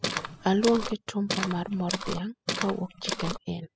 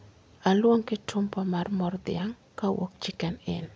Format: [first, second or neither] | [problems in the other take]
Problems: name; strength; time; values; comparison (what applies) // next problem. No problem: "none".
second | noise reduction (classical method spectral subtraction)